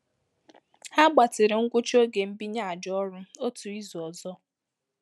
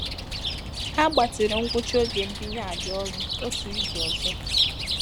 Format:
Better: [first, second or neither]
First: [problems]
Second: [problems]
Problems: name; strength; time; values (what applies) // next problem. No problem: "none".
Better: first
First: none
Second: background sound (Chirp, tweet); 1 dB below the speech